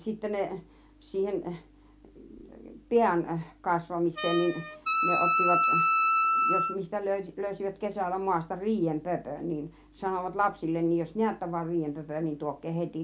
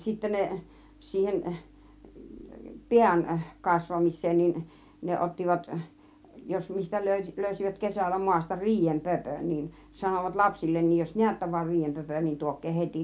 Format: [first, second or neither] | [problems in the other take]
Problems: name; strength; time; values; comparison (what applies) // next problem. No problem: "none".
second | background sound (Wind instrument, woodwind instrument); 4 dB above the speech